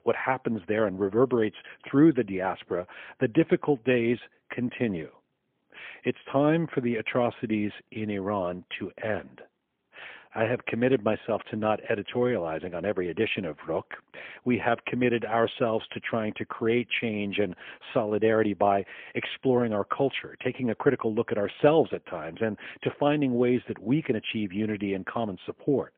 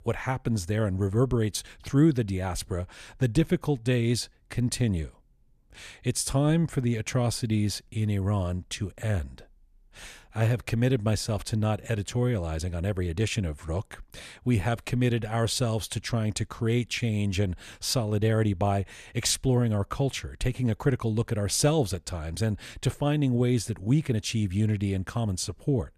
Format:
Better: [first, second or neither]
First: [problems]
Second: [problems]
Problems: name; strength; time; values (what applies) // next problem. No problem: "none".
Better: second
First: phone-call audio; poor line; nothing above 3.5 kHz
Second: none